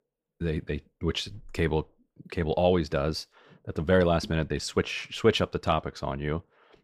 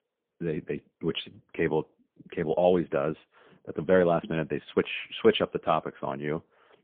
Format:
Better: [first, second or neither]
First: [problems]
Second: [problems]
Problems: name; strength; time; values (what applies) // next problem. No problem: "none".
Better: first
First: none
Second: phone-call audio; poor line; nothing above 3 kHz